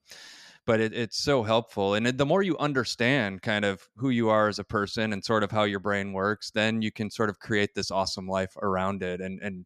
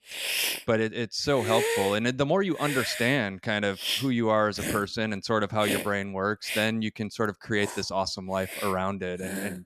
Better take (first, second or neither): first